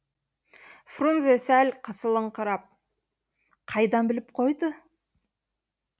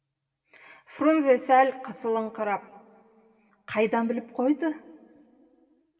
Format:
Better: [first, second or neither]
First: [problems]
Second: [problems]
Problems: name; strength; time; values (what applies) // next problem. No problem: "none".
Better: first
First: none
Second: room echo; dies away in 1.6 s